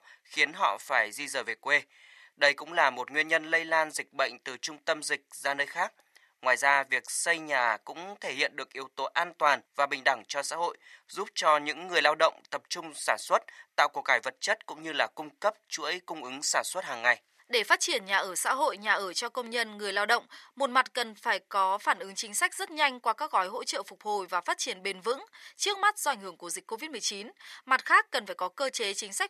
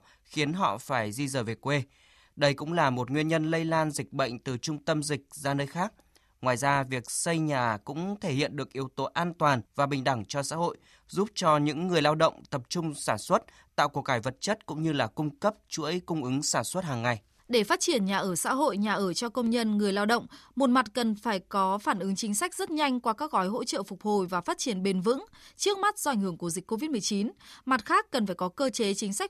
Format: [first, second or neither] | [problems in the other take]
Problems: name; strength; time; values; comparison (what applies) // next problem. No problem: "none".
second | thin; very; fading below 650 Hz